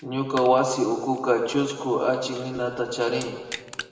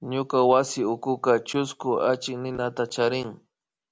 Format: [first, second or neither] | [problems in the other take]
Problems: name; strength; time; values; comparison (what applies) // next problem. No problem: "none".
second | background sound (Crushing); 18 dB below the speech // room echo; dies away in 1.8 s